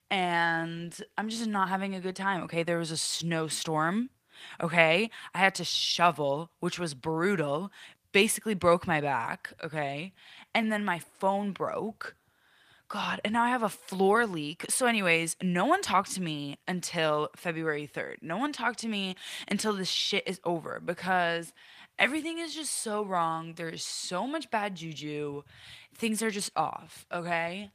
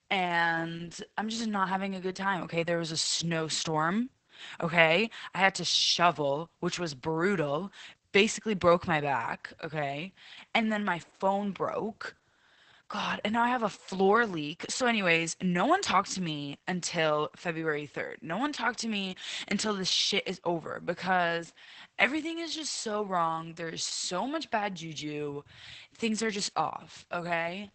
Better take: first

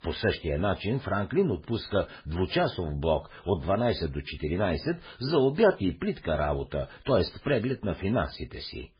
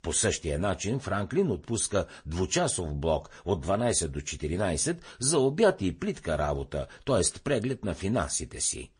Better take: second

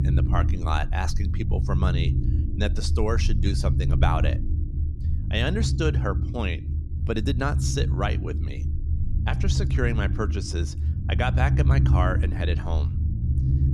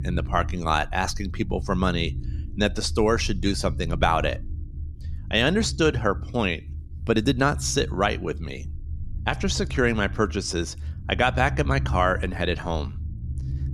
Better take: second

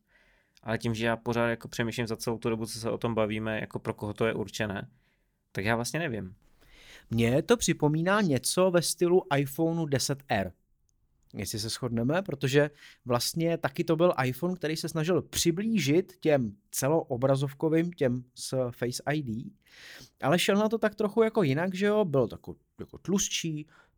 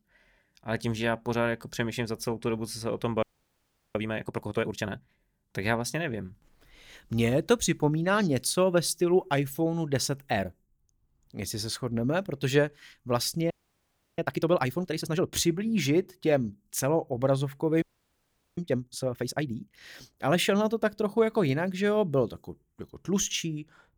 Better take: first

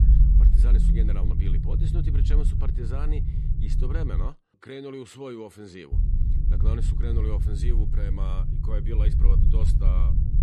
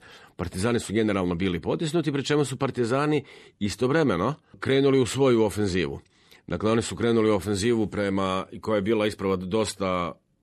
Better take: second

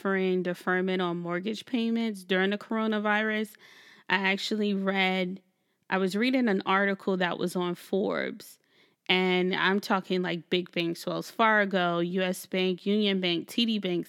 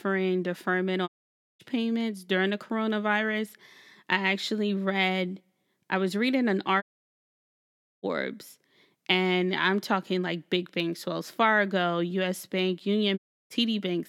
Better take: first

